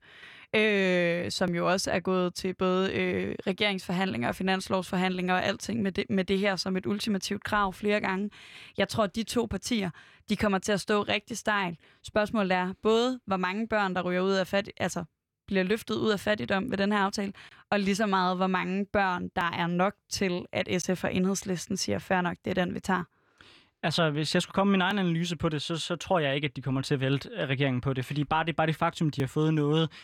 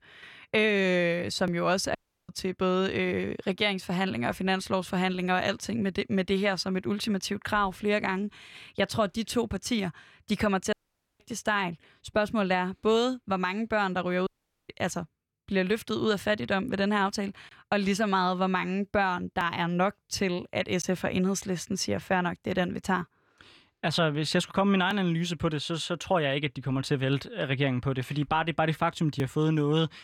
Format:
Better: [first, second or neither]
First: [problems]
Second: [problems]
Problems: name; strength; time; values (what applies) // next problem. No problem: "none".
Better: first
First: none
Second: audio cutting out; at 2 s, at 11 s and at 14 s